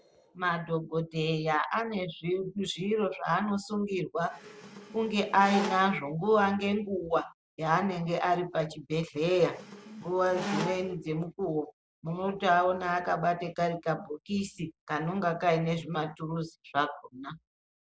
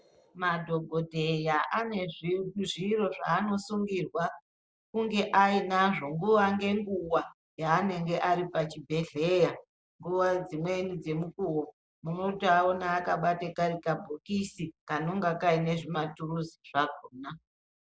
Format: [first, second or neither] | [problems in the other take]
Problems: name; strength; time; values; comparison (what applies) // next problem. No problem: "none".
second | background sound (Squeak); 9 dB below the speech